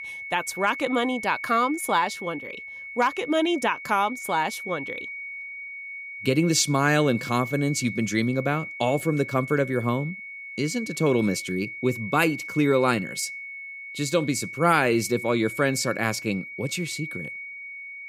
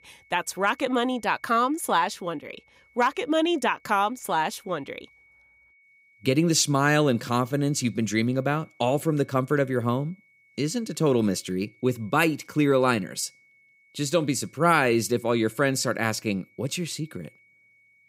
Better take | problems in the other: second | high-pitched whine; loud; throughout; 2 kHz, 10 dB below the speech; faint in the second

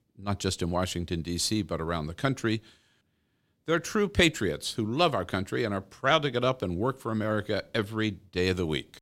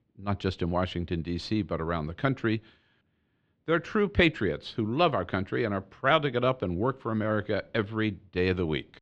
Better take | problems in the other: first | muffled; slightly; fading above 3 kHz

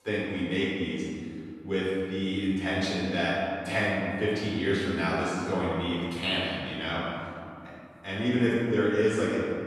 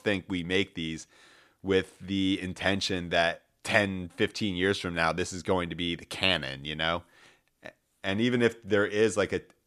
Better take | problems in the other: second | off-mic speech; far // room echo; strong; dies away in 2.5 s

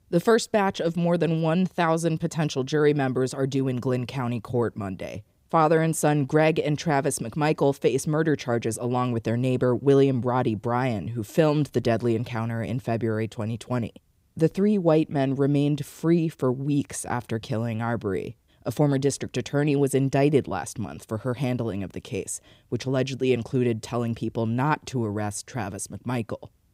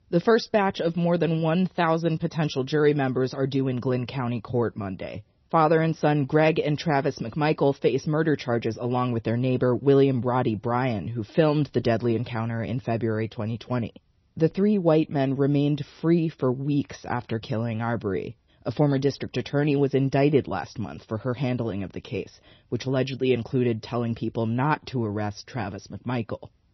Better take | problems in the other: first | garbled, watery; slightly; nothing above 6 kHz

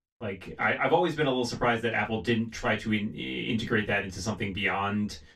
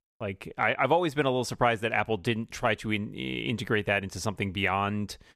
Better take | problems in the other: second | room echo; slight; dies away in 0.2 s // off-mic speech; far

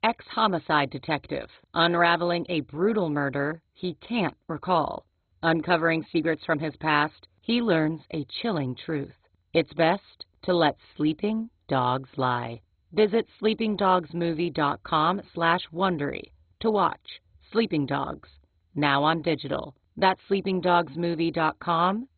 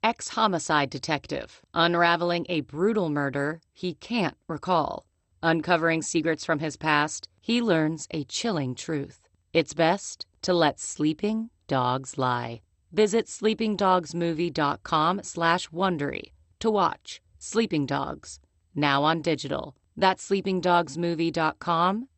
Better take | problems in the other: second | garbled, watery; badly; nothing above 4 kHz; slightly in the second

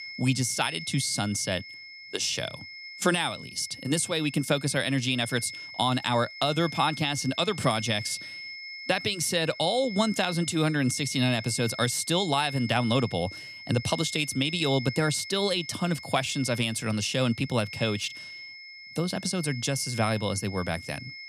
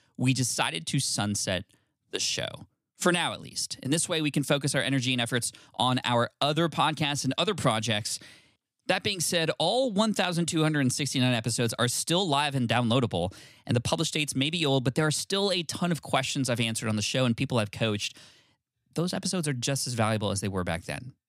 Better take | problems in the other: second | high-pitched whine; noticeable; throughout; 2 kHz, 10 dB below the speech

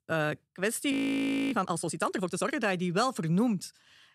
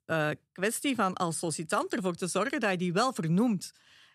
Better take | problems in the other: second | audio freezing; at 1 s for 0.5 s

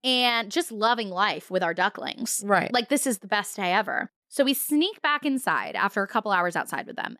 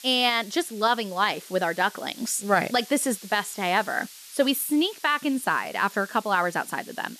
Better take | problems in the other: first | hiss; noticeable; throughout; 20 dB below the speech

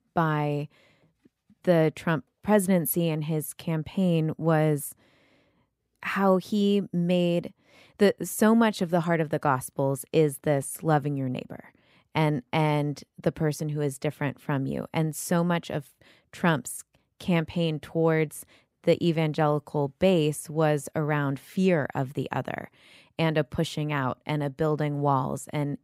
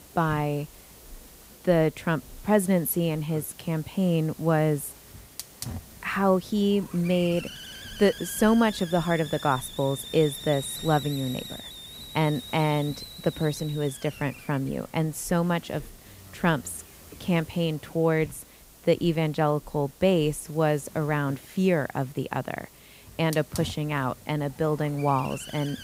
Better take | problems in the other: first | hiss; noticeable; throughout; 15 dB below the speech

